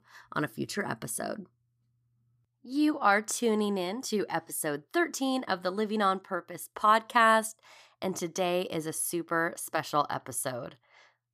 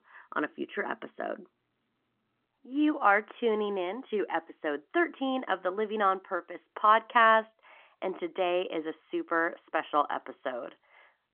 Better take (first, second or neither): first